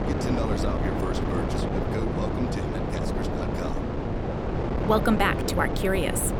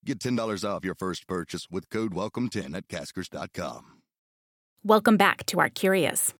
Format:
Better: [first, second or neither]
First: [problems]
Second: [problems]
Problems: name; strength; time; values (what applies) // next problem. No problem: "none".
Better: second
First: wind noise on the microphone; heavy; 2 dB below the speech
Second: none